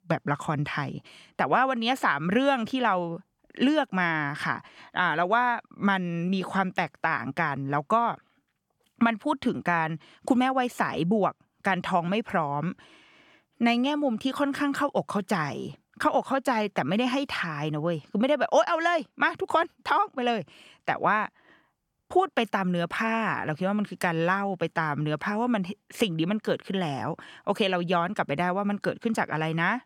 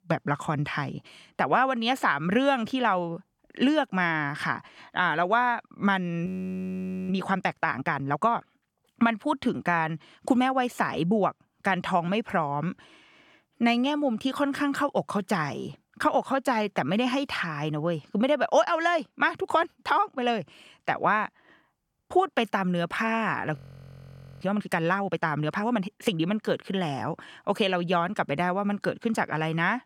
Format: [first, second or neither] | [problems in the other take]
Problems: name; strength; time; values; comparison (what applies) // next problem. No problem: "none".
first | audio freezing; at 6.5 s for 1 s and at 24 s for 1 s